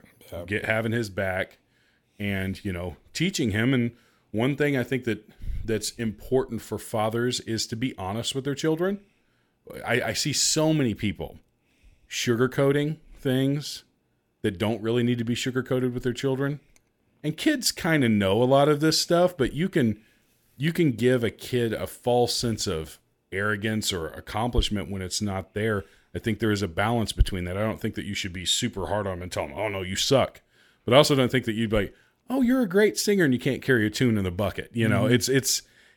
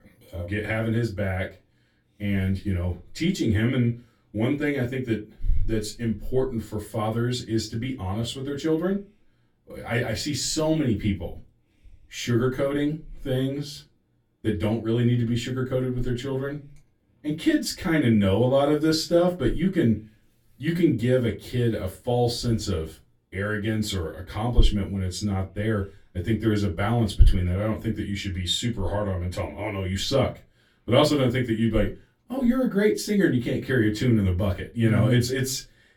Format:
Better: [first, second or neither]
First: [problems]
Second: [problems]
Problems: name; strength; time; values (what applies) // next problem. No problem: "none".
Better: first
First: none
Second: off-mic speech; far // room echo; very slight; dies away in 0.2 s